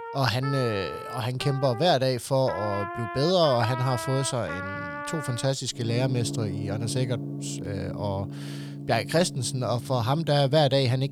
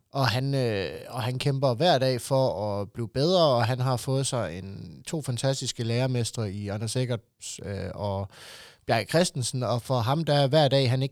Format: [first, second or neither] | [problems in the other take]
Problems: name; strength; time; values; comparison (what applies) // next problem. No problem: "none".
second | background music; loud; throughout; 10 dB below the speech